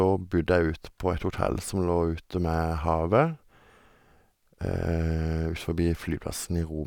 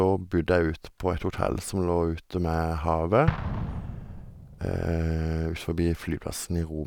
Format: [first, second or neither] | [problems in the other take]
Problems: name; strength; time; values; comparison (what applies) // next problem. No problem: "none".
first | background sound (Explosion); 11 dB below the speech